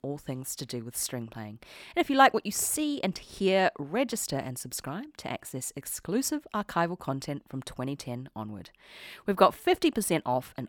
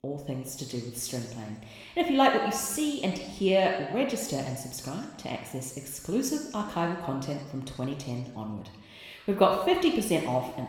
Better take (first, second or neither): first